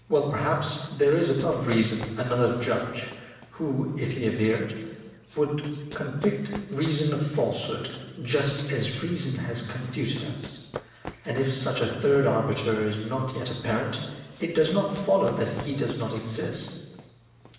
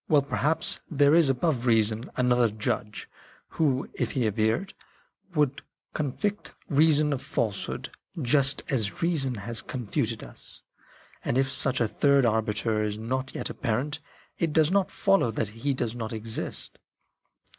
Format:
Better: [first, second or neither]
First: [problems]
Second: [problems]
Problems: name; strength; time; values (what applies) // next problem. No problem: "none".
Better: second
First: background sound (Run); 18 dB below the speech // room echo; dies away in 1 s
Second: none